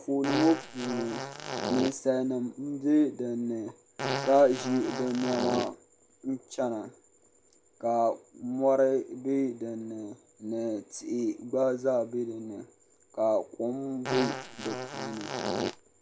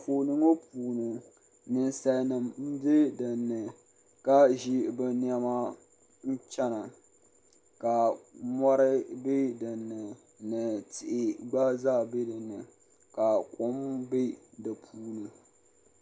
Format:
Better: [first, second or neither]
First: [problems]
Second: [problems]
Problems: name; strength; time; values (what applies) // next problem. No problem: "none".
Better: second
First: background sound (Fart); 4 dB below the speech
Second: none